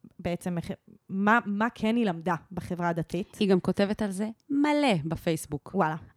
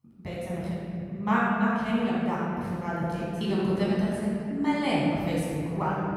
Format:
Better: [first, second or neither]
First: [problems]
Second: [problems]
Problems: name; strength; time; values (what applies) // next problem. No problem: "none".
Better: first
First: none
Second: off-mic speech; far // room echo; strong; dies away in 2.9 s